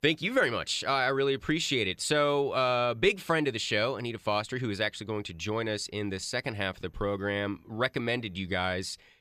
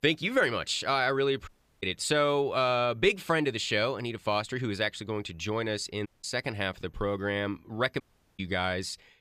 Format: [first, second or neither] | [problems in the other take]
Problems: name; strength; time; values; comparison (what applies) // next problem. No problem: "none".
first | audio cutting out; at 1.5 s, at 6 s and at 8 s